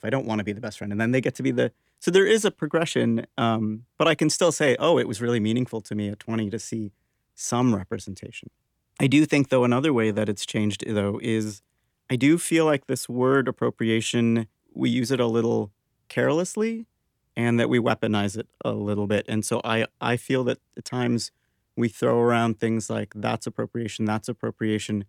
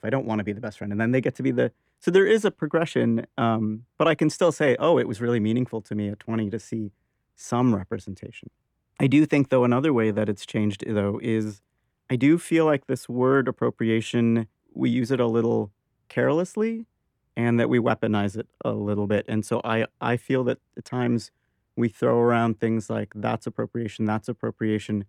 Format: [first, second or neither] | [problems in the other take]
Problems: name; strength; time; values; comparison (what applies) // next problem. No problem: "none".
first | muffled; slightly; fading above 3 kHz